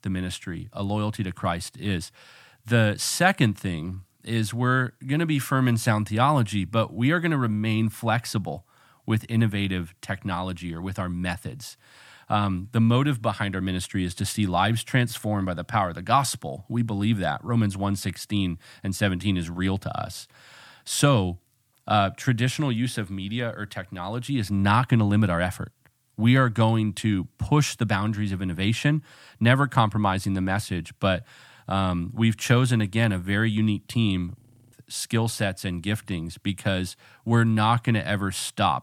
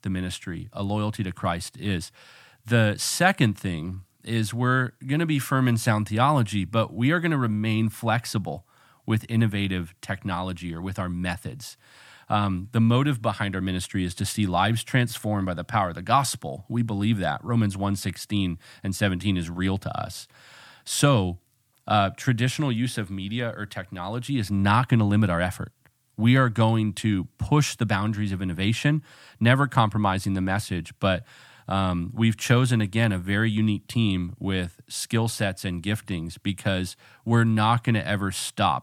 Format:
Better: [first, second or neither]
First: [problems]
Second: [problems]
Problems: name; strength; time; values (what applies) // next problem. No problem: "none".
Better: second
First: audio freezing; at 34 s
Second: none